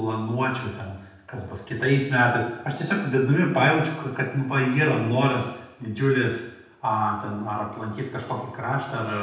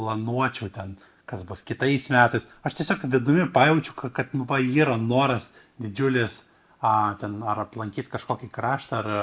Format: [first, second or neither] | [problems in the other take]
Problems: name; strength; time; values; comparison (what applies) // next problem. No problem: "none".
second | room echo; dies away in 0.9 s